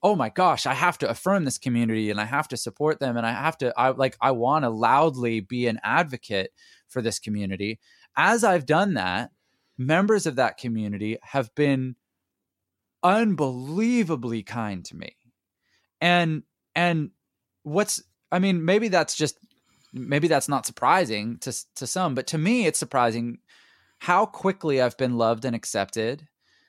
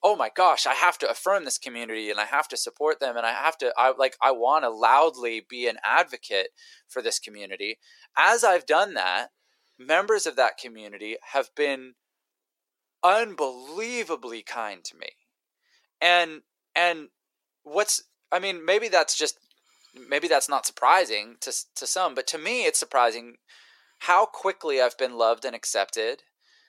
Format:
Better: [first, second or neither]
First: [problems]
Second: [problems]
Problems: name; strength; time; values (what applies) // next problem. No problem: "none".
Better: first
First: none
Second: thin; very; fading below 400 Hz